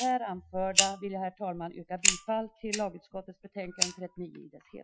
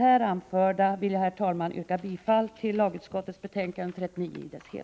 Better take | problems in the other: second | noise reduction (classical method Wiener filter)

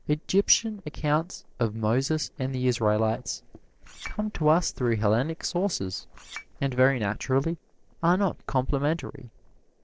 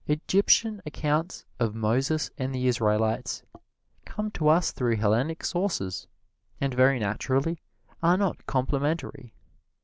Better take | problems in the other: second | noise reduction (neural separator model SepFormer DNS4)

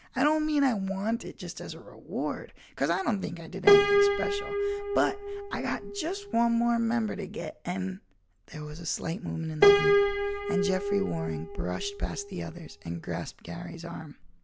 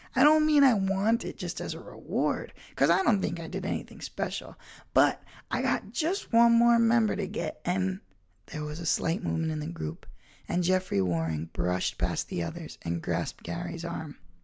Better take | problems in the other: second | background sound (Piano); 3 dB above the speech

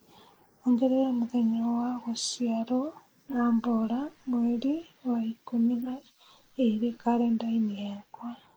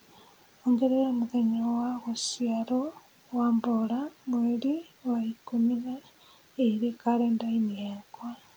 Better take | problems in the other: second | noise reduction (neural mask model Resemble Enhance denoiser)

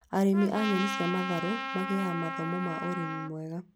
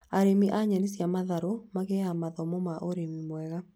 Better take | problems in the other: second | background sound (Trumpet); 5 dB below the speech

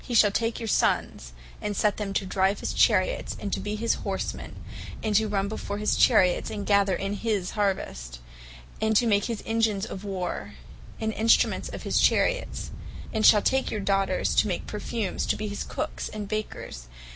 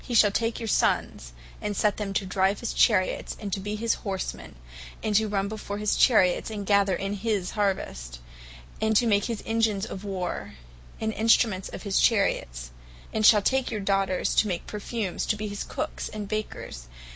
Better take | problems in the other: second | background sound (Wind); 10 dB below the speech

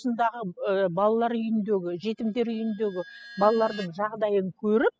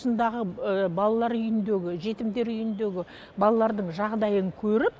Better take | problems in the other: second | noise reduction (classical method spectral subtraction)

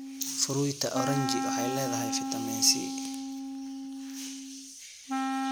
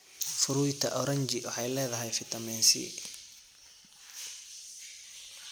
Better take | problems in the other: second | background sound (Wind instrument, woodwind instrument); 1 dB below the speech

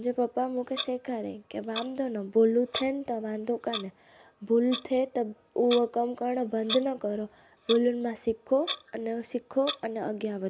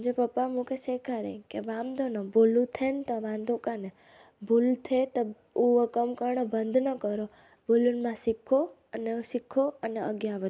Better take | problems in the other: second | background sound (Clock); 13 dB below the speech

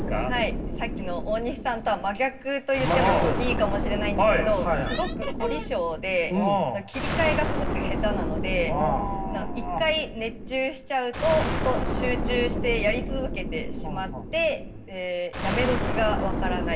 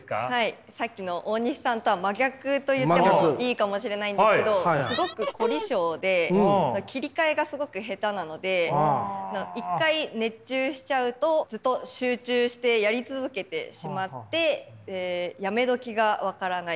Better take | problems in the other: second | background sound (Explosion); 2 dB below the speech // room echo; dies away in 0.4 s

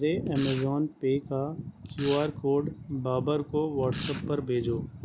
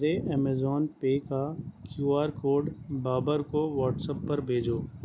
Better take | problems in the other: second | background sound (Domestic sounds, home sounds); 15 dB below the speech

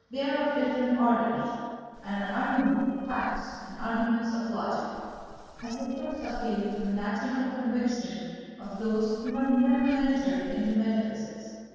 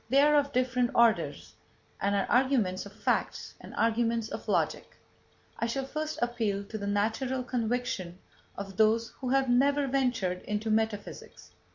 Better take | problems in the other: second | noise reduction (neural separator model SepFormer DNS4)

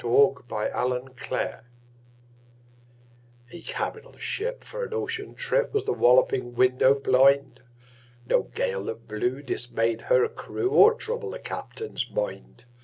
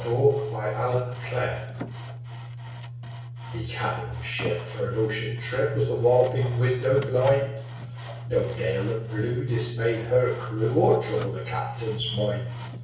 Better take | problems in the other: first | background sound (Sawing); 18 dB below the speech // room echo; dies away in 0.6 s

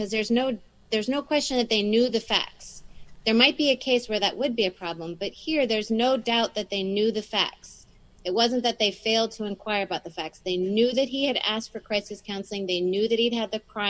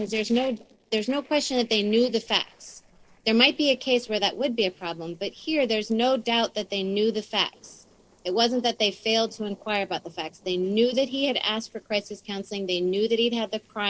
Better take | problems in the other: first | noise reduction (neural separator model SepFormer DNS4)

